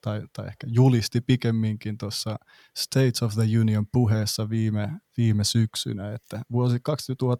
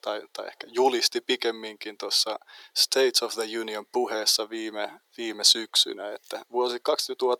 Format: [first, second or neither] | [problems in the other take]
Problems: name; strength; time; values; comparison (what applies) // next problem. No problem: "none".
first | thin; very; fading below 350 Hz